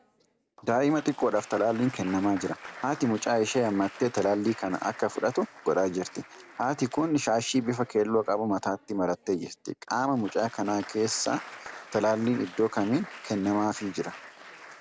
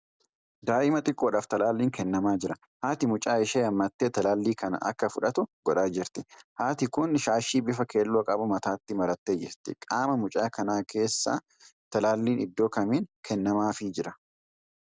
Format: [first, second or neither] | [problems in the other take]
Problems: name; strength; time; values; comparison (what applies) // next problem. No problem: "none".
second | background sound (Applause); 18 dB below the speech